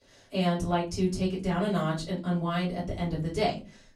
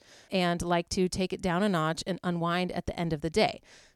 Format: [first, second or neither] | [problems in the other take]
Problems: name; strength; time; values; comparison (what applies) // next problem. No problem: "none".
second | off-mic speech; far // room echo; very slight; dies away in 0.4 s